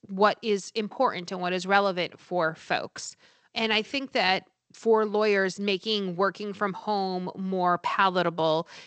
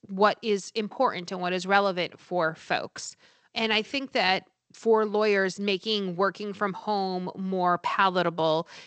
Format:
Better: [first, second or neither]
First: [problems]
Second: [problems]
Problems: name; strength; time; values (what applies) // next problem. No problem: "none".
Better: neither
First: garbled, watery; slightly; nothing above 8 kHz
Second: garbled, watery; slightly; nothing above 8 kHz